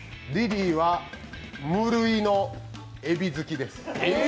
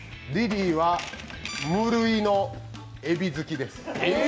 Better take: first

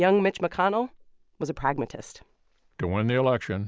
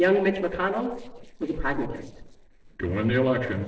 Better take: first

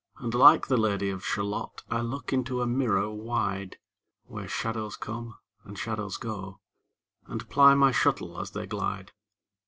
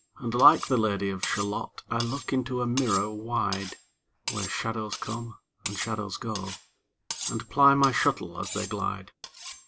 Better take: first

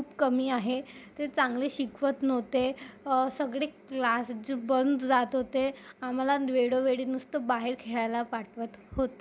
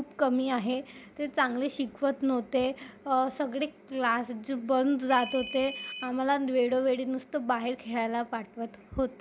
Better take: first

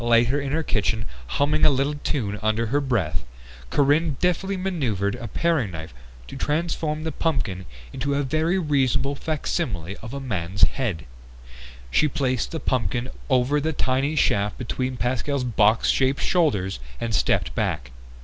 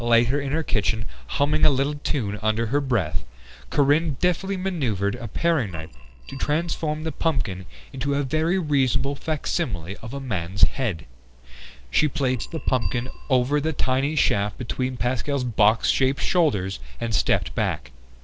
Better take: first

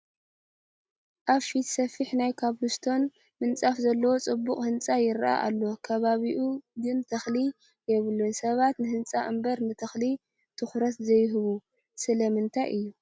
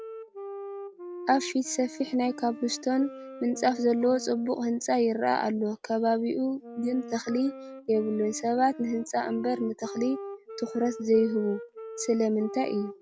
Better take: first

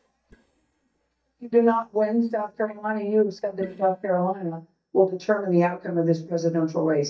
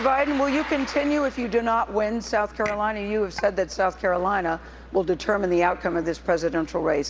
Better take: second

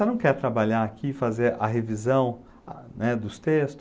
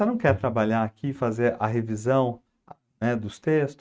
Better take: first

